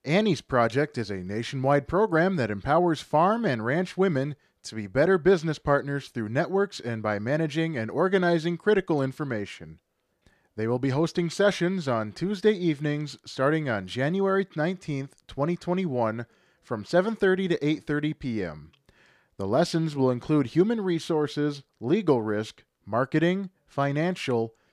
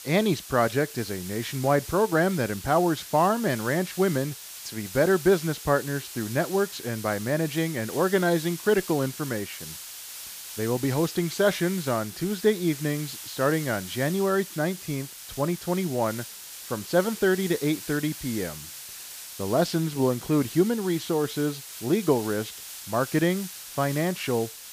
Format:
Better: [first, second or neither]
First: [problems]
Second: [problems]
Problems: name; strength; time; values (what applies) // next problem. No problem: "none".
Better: first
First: none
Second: hiss; noticeable; throughout; 10 dB below the speech